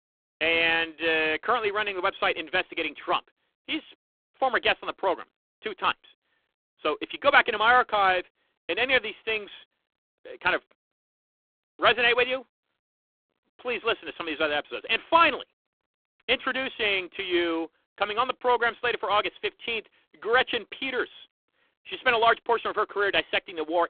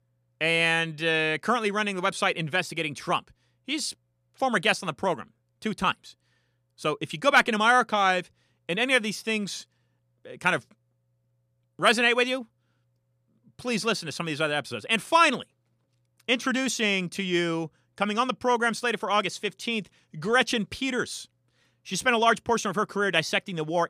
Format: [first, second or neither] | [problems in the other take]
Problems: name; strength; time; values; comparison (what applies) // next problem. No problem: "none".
second | phone-call audio; poor line